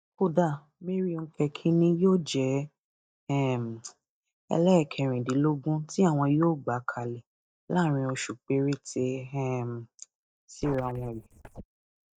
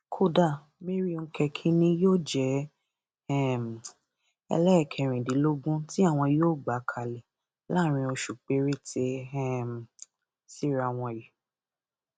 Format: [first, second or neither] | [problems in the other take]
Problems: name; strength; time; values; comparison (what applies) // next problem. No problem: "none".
second | noise reduction (neural mask model DeepFilterNet 3)